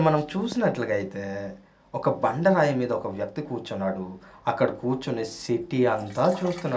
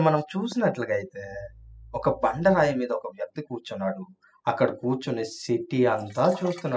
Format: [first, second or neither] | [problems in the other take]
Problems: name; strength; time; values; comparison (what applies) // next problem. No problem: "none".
first | noise reduction (classical method spectral subtraction)